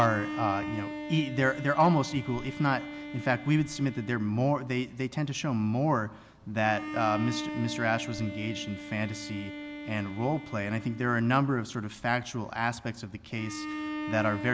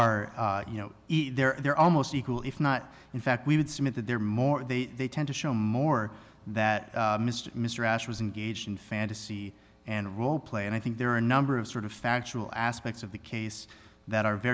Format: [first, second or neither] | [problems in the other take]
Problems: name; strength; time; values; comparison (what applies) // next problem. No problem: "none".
second | background sound (Bowed string instrument); 10 dB below the speech